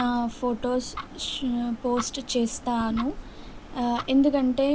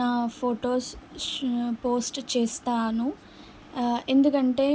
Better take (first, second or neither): second